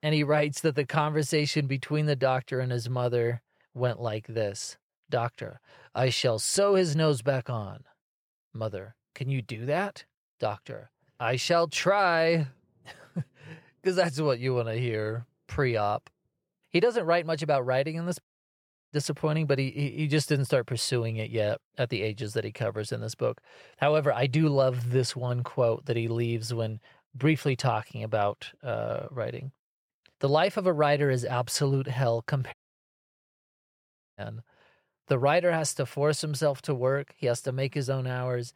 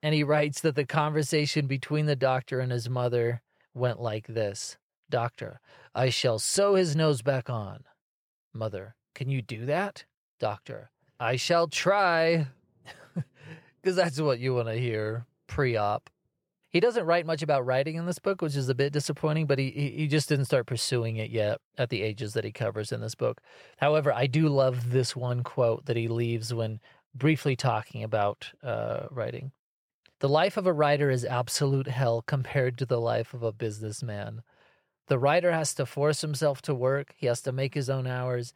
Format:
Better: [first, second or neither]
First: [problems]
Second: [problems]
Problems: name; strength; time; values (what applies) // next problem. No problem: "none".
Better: second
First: audio cutting out; at 18 s for 0.5 s and at 33 s for 1.5 s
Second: none